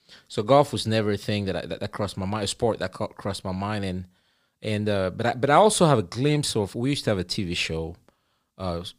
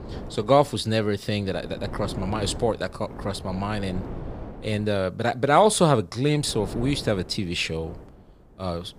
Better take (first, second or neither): first